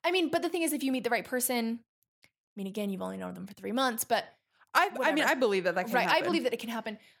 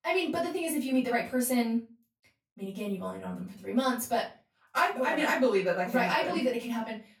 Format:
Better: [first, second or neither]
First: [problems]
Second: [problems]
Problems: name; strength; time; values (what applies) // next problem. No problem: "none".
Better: first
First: none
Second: off-mic speech; far // room echo; slight; dies away in 0.3 s